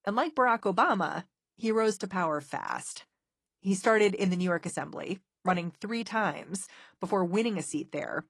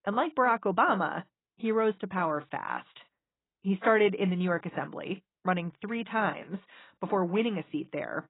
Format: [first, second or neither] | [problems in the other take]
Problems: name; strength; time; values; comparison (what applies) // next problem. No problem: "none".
first | garbled, watery; badly; nothing above 4 kHz; slightly in the first